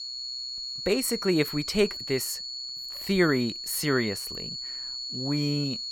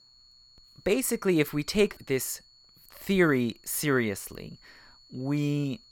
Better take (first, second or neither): second